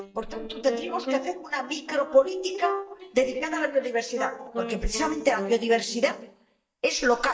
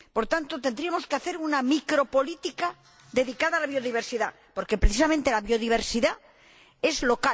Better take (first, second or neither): second